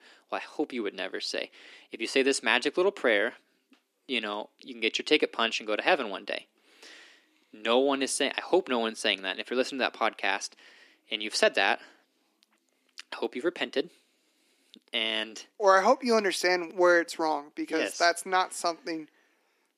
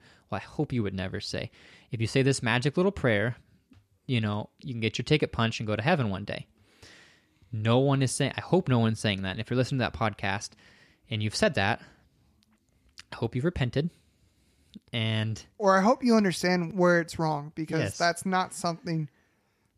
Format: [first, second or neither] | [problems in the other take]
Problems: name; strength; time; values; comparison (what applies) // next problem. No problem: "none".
second | thin; somewhat; fading below 300 Hz